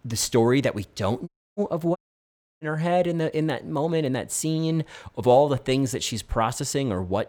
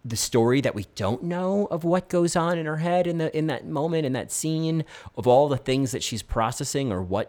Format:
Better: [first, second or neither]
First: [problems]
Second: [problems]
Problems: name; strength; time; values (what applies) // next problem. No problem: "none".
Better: second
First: audio cutting out; at 1.5 s and at 2 s for 0.5 s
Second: none